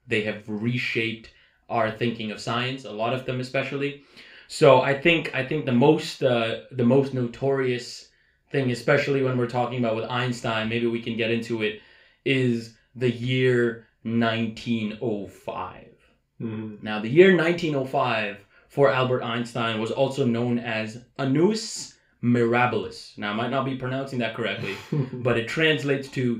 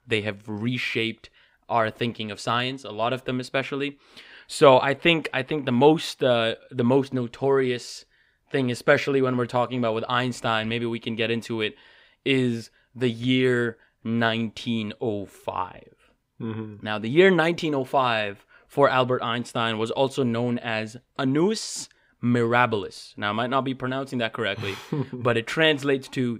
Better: second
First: room echo; very slight; dies away in 0.3 s // off-mic speech; somewhat distant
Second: none

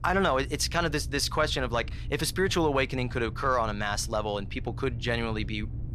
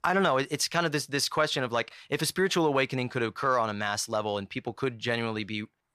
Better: second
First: low rumble; faint; throughout; 25 dB below the speech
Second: none

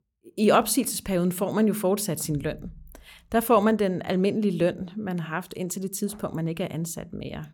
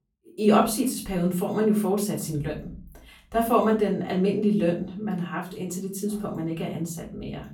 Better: first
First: none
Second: off-mic speech; far // room echo; slight; dies away in 0.3 s

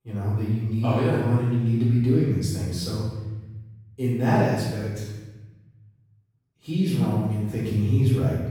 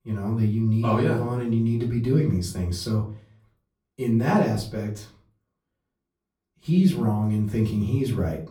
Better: second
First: room echo; strong; dies away in 1.1 s // off-mic speech; far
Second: room echo; slight; dies away in 0.4 s // off-mic speech; far

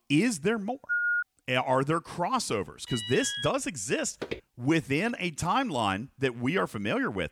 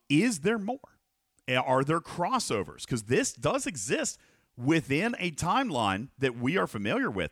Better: second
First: phone ringing; loud; at 1 s; peak 2 dB above the speech // alarm; noticeable; at 3 s; peak 4 dB below the speech // footsteps; noticeable; at 4 s; peak 10 dB below the speech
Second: none

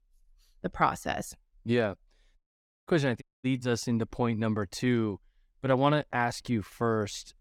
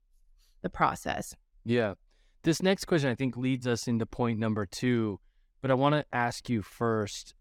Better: second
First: audio cutting out; at 2.5 s and at 3 s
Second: none

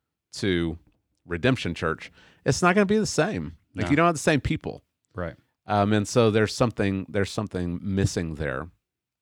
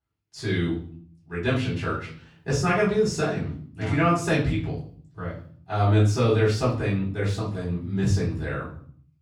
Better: first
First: none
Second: off-mic speech; far // room echo; noticeable; dies away in 0.5 s

